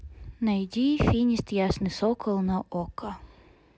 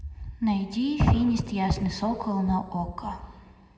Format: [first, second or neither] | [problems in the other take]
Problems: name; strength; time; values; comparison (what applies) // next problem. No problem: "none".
first | room echo; dies away in 2.2 s